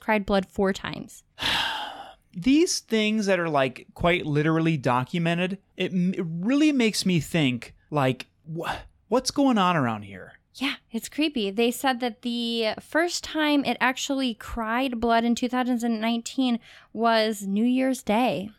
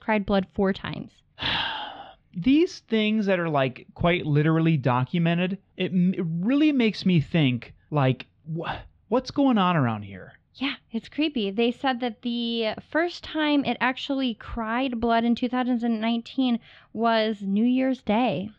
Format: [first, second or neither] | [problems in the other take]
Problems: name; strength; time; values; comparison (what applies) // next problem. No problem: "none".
first | muffled; slightly; fading above 4 kHz